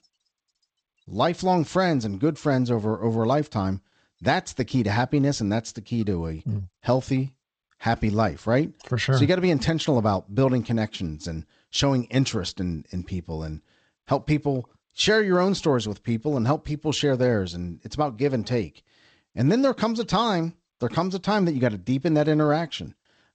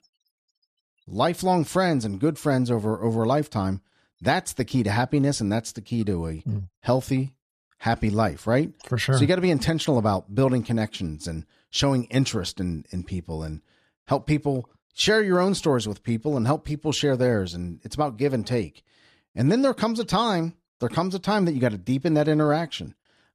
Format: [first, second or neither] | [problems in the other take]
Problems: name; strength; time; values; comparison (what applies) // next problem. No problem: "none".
second | garbled, watery; slightly; nothing above 8 kHz